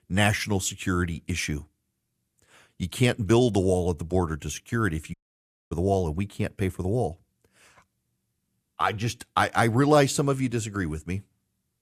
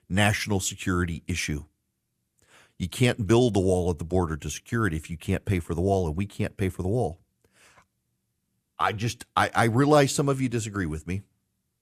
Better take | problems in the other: second | audio cutting out; at 5 s for 0.5 s

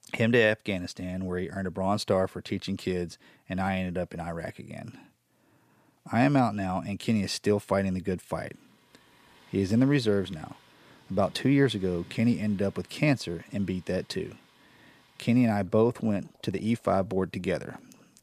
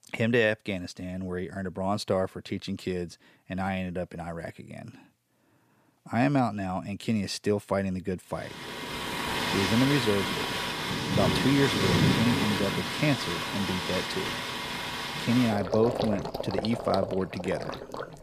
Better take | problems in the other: first | rain or running water; loud; from 9 s on; as loud as the speech; faint in the first

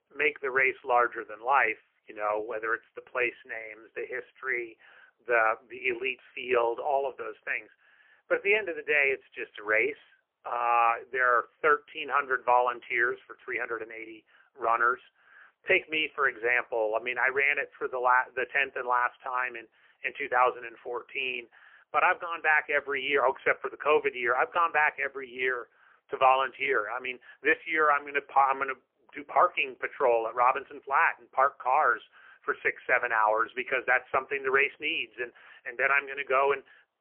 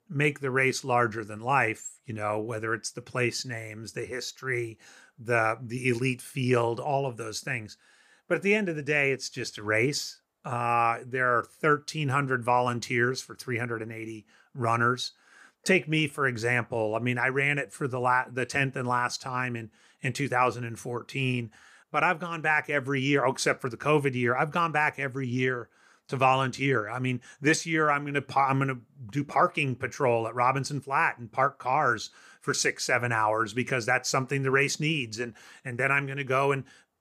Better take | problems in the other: second | phone-call audio; poor line; nothing above 3 kHz

